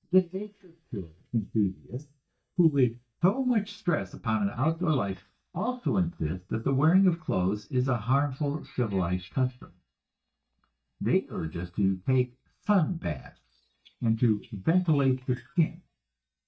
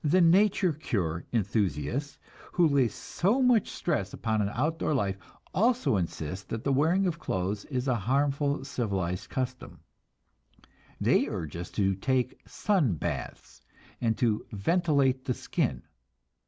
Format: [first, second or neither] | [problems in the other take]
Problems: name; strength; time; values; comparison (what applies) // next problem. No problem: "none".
second | noise reduction (neural mask model DeepFilterNet 3)